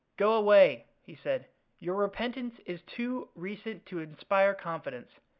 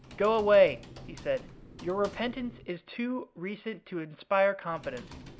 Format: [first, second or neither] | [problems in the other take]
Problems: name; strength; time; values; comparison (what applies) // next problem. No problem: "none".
first | background sound (Typing); 19 dB below the speech